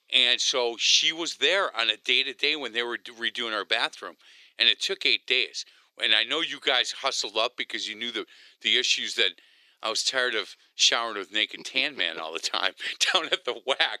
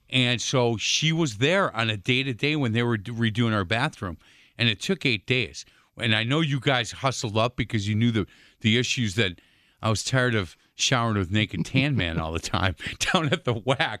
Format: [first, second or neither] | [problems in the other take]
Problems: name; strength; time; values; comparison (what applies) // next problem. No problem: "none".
second | thin; very; fading below 400 Hz